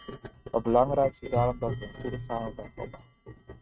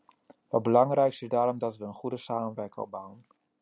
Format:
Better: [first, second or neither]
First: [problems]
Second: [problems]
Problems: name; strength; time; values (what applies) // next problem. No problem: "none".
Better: second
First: noise reduction (neural mask model RNNoise)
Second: none